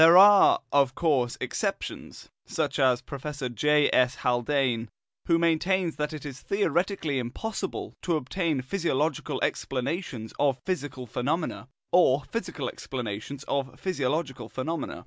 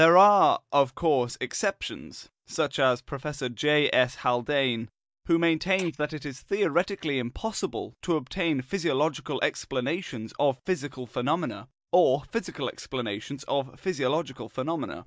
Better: first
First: none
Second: noise reduction (neural mask model DeepFilterNet 3)

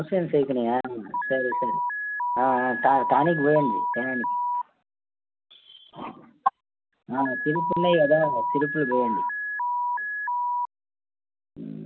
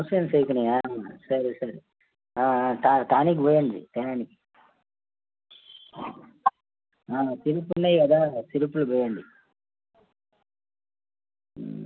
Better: second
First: background sound (Alarm); 3 dB below the speech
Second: none

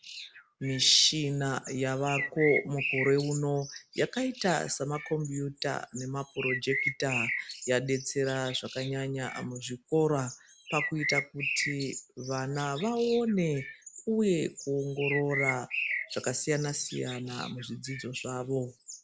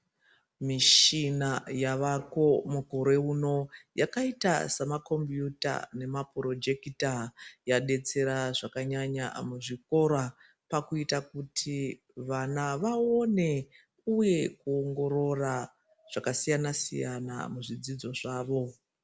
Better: second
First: background sound (Bird); 7 dB below the speech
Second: none

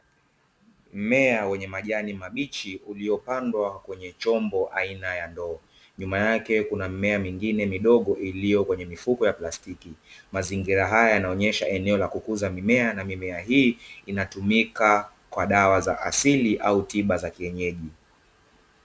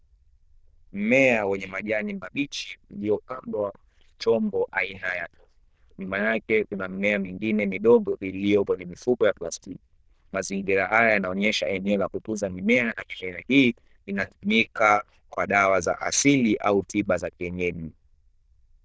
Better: first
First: none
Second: noise reduction (neural diffusion model UNIVERSE++)

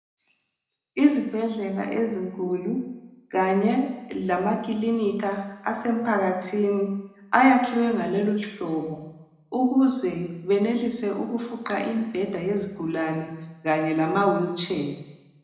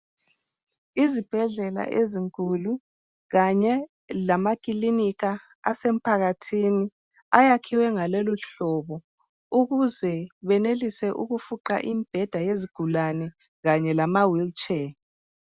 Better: second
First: room echo; dies away in 0.9 s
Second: none

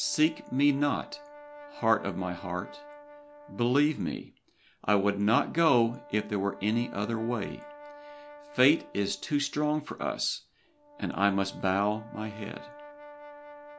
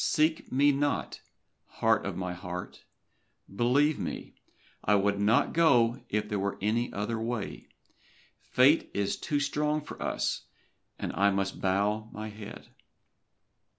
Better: second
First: background sound (Brass instrument); 19 dB below the speech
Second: none

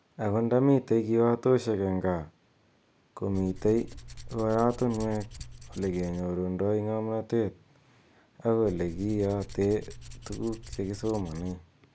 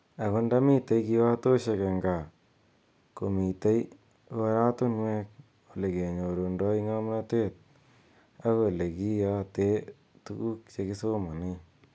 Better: second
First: background sound (Tools); 14 dB below the speech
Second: none

